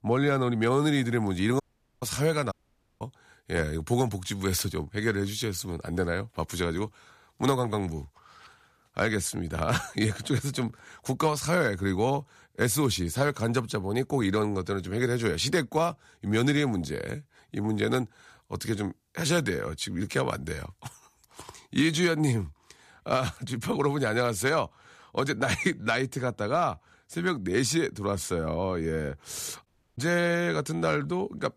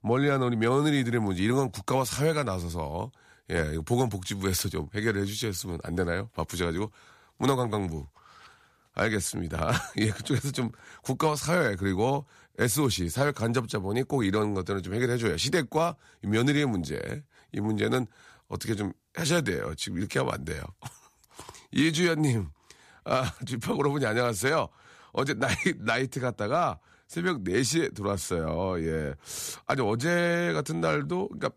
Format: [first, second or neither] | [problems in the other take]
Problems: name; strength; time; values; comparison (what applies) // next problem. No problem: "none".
second | audio cutting out; at 1.5 s, at 2.5 s and at 30 s